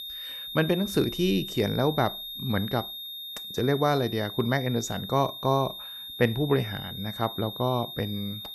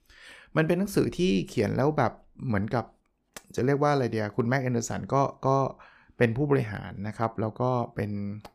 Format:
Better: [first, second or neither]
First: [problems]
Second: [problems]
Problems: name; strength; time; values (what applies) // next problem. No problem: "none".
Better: second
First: high-pitched whine; loud; throughout; 3.5 kHz, 8 dB below the speech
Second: none